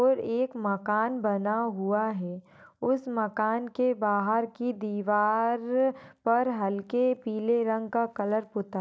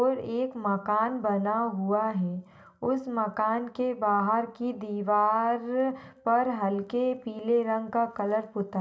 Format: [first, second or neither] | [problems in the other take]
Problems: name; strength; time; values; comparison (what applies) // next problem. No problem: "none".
first | room echo; dies away in 0.5 s